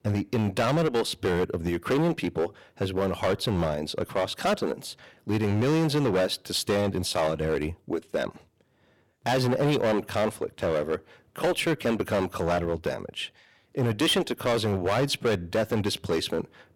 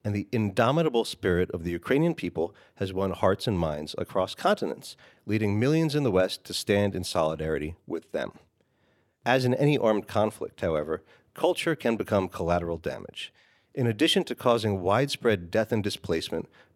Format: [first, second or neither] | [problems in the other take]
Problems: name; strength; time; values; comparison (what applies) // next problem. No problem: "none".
second | distortion; heavy; 13% of the sound clipped